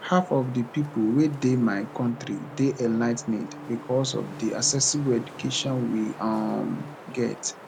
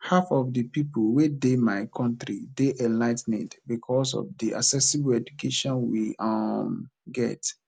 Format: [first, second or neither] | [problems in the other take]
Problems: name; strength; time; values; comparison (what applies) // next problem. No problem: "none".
second | background sound (Organ + Wind); 14 dB below the speech